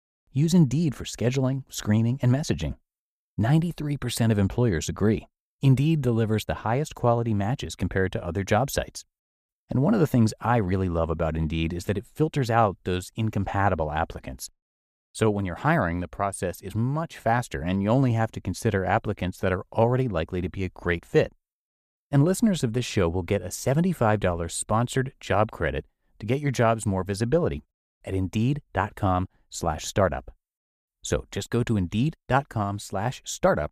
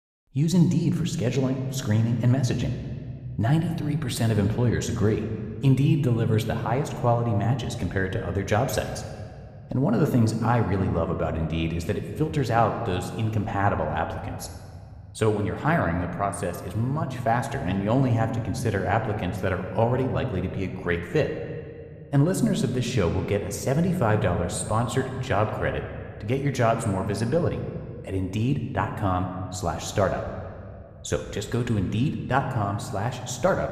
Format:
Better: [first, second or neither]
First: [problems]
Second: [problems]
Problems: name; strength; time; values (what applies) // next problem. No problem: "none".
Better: first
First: none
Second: room echo; slight; dies away in 1.7 s